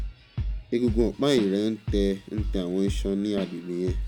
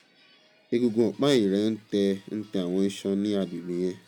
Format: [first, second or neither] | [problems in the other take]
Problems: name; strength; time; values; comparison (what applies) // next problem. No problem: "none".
second | background sound (Drum / Drum kit); 5 dB below the speech